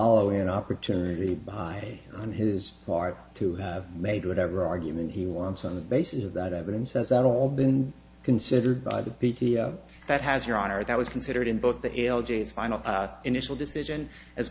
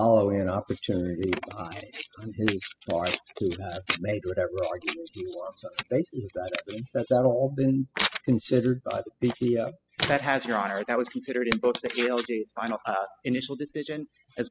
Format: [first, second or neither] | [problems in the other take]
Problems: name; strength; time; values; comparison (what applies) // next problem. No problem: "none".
first | noise reduction (classical method spectral subtraction)